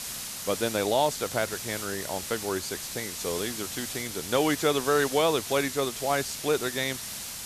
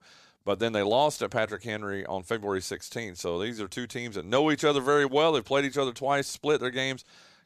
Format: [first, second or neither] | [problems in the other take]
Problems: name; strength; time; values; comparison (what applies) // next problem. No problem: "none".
second | hiss; loud; throughout; 6 dB below the speech